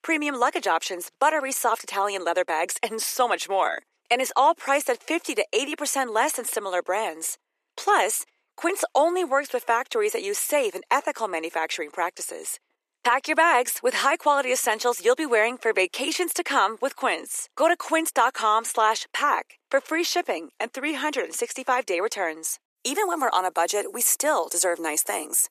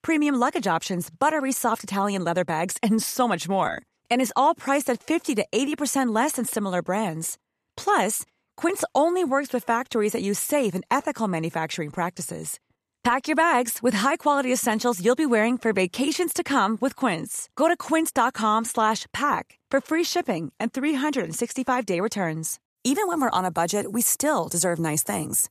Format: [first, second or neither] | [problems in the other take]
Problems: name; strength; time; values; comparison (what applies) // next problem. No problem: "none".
second | thin; somewhat; fading below 350 Hz